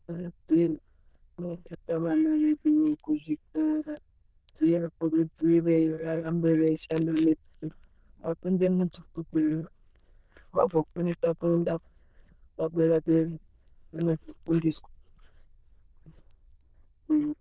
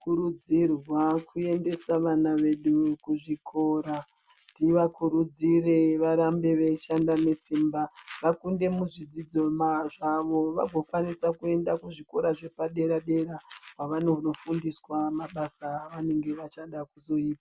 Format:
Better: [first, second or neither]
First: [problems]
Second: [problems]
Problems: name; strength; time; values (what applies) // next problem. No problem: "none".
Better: second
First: noise reduction (neural diffusion model UNIVERSE++)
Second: none